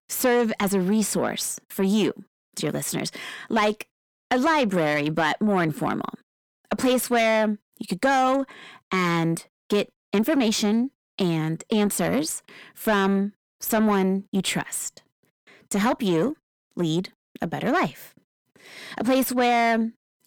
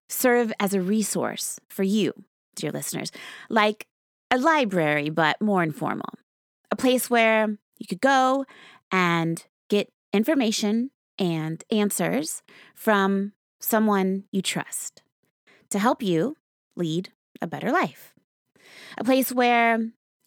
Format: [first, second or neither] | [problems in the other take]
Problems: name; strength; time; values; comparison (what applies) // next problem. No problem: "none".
second | distortion; slight; 10 dB below the speech